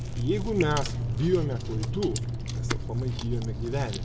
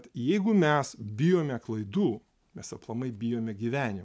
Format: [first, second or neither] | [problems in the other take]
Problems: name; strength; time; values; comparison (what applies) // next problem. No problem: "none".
second | background sound (Chewing, mastication); as loud as the speech // room echo; dies away in 1.3 s